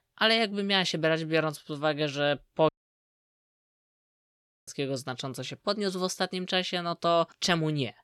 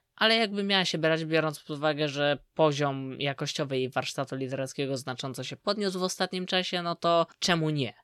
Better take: second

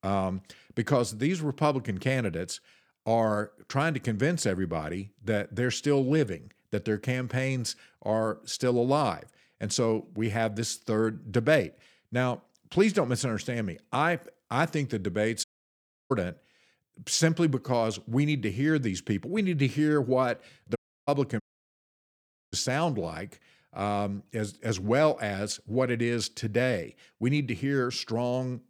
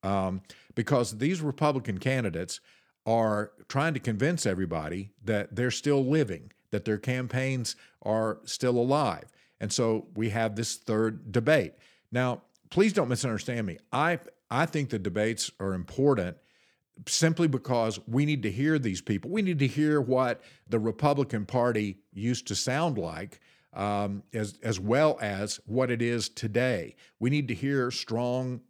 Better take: second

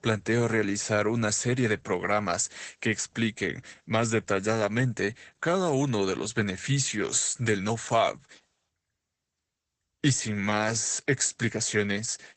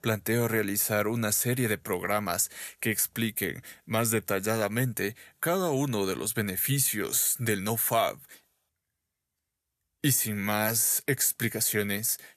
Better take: second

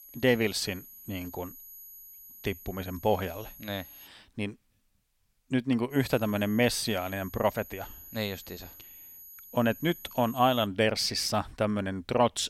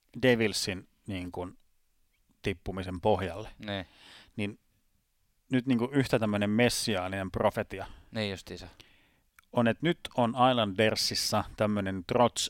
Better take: second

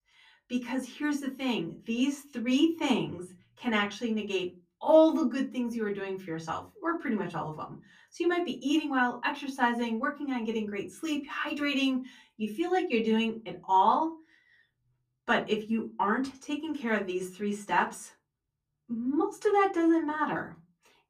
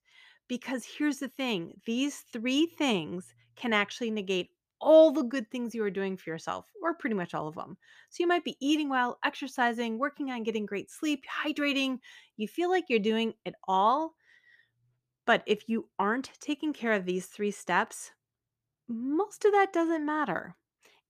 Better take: second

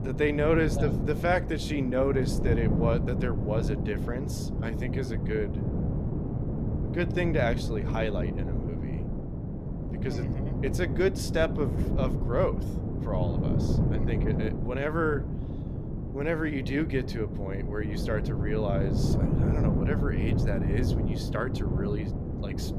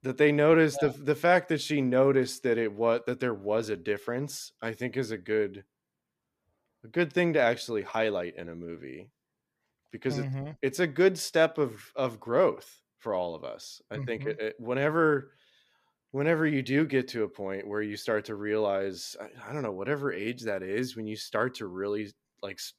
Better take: second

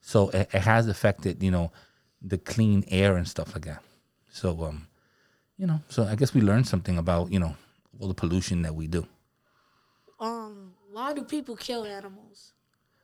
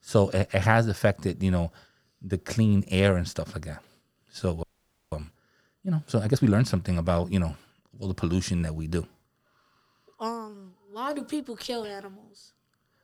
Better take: first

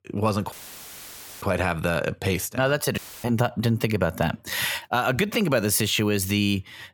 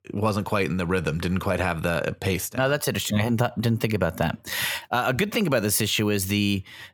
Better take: second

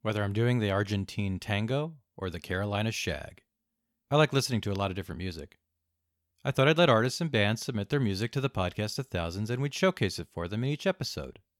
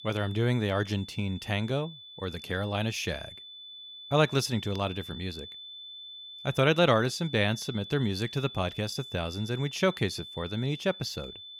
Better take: first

